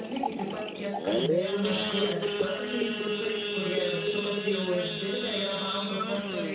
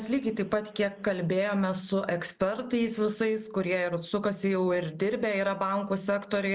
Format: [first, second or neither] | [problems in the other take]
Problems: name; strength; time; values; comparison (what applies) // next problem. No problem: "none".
second | background sound (Idling / Sawing / Accelerating, revving, vroom); 2 dB above the speech // room echo; dies away in 0.6 s